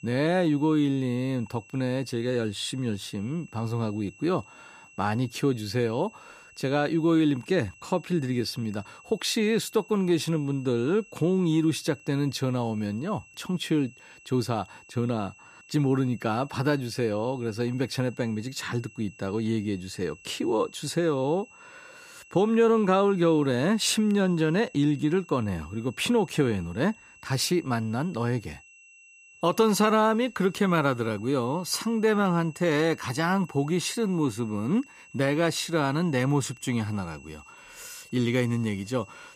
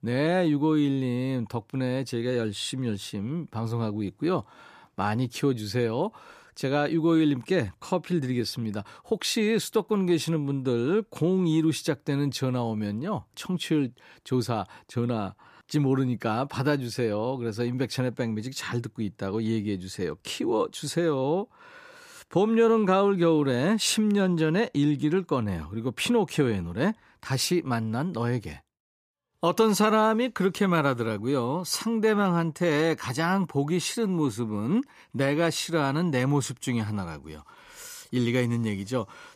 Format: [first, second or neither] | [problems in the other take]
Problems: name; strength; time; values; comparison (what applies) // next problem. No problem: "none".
second | high-pitched whine; faint; throughout; 2.5 kHz, 25 dB below the speech